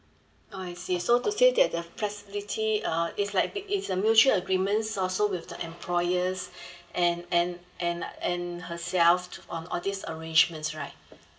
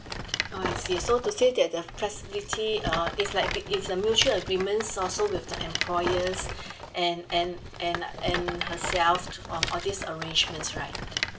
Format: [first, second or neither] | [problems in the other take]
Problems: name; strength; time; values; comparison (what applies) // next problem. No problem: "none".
first | background sound (Rattle); 6 dB below the speech